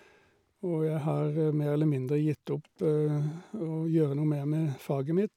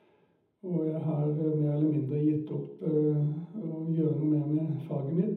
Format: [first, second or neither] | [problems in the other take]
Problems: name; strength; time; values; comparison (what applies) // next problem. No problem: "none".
first | room echo; dies away in 0.8 s